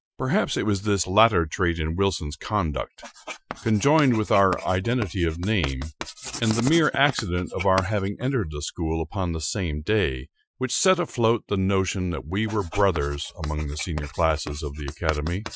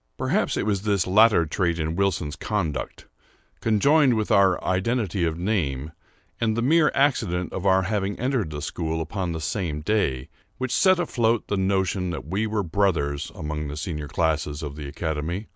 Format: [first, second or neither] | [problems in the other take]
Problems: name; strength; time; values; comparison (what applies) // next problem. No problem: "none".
second | noise reduction (classical method Wiener filter)